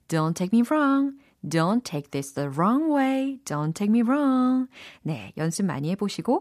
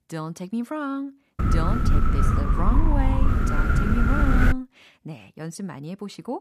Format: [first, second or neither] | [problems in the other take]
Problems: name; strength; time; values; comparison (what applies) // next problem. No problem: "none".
first | wind noise on the microphone; heavy; from 1.5 to 4.5 s; 5 dB above the speech